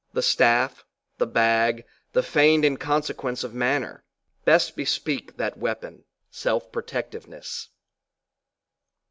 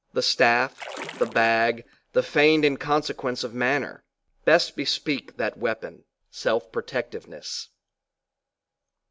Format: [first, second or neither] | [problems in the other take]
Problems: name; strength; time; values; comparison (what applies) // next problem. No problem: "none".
first | background sound (Splash, splatter); 14 dB below the speech